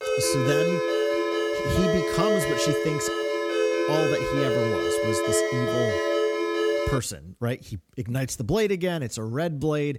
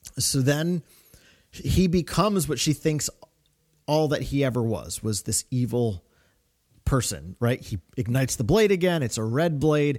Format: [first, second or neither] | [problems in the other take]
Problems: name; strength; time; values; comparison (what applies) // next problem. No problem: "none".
second | phone ringing; loud; until 7 s; peak 4 dB above the speech